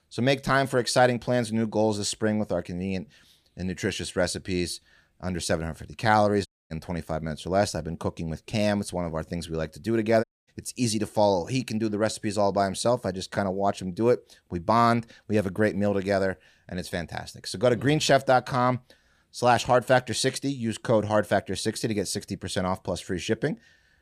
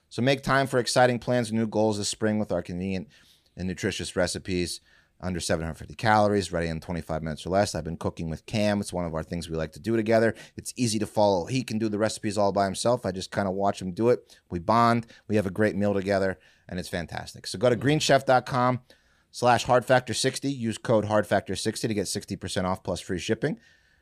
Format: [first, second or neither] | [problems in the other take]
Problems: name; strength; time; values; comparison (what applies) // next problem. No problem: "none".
second | audio cutting out; at 6.5 s and at 10 s